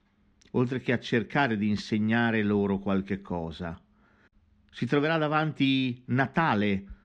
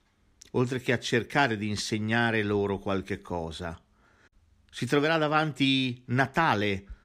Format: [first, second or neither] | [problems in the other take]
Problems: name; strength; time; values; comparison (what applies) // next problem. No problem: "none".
second | muffled; very slightly; fading above 3.5 kHz